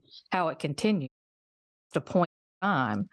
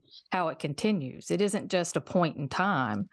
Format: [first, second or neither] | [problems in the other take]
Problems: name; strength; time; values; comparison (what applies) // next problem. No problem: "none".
second | audio cutting out; at 1 s for 1 s and at 2.5 s